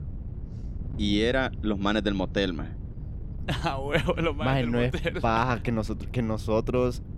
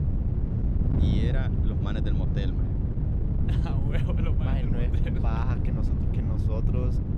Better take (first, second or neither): first